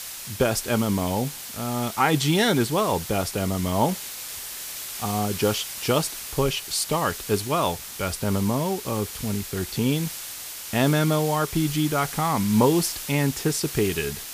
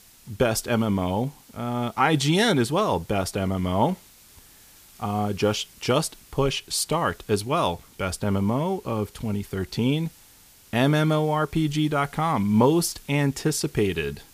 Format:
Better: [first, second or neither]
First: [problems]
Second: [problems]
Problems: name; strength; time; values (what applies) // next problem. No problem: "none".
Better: second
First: hiss; loud; throughout; 8 dB below the speech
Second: hiss; faint; throughout; 25 dB below the speech